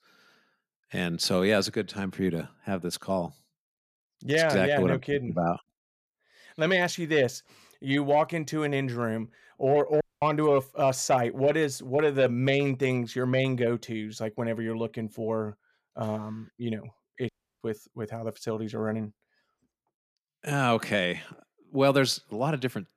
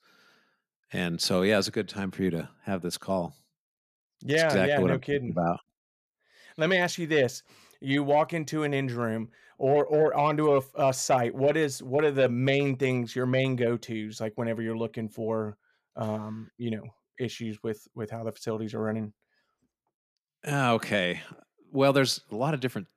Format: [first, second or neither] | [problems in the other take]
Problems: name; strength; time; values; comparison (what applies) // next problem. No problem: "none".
second | audio cutting out; at 10 s and at 17 s